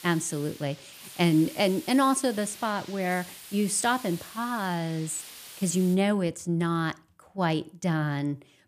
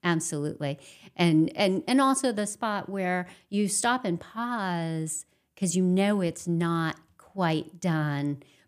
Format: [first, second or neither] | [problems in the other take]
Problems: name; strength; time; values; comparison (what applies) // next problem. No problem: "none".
second | hiss; noticeable; until 6 s; 15 dB below the speech